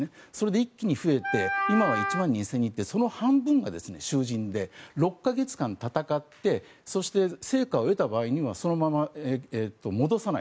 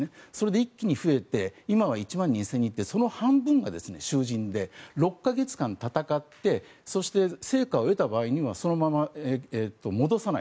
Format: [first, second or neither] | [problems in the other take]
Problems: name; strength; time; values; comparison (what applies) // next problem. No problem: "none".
second | background sound (Wind instrument, woodwind instrument); 2 dB below the speech